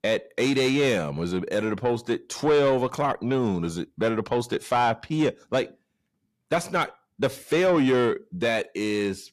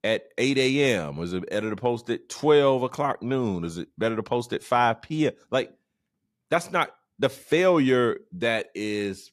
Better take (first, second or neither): second